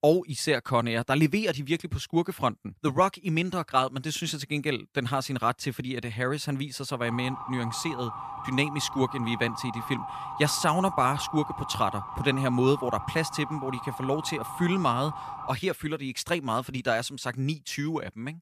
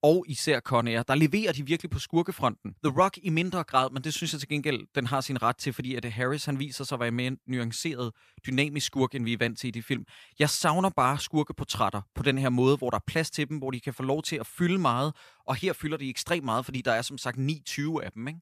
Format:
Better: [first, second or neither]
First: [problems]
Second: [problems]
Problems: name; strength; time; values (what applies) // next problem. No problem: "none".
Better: second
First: siren; noticeable; from 7 to 16 s; peak 8 dB below the speech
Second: none